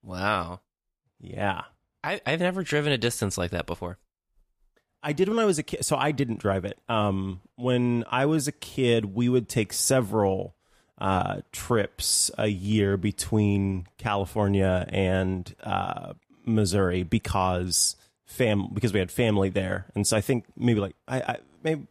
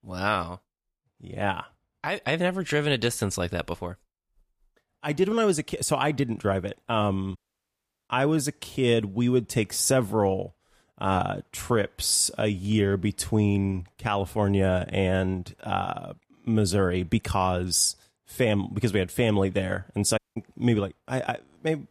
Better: first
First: none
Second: audio cutting out; at 7.5 s for 0.5 s and at 20 s

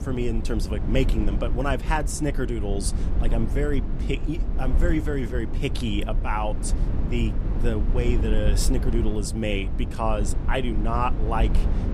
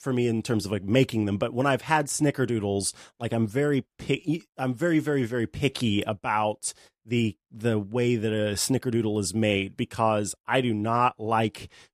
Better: second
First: low rumble; loud; throughout; 10 dB below the speech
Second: none

